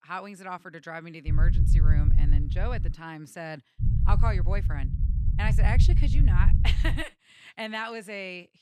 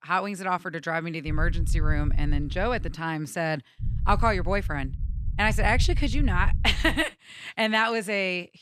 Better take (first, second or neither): second